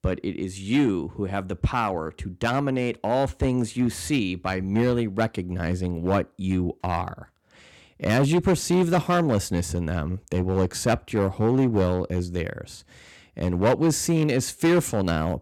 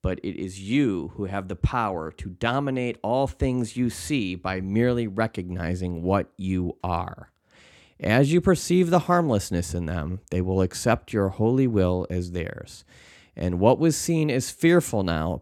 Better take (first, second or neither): second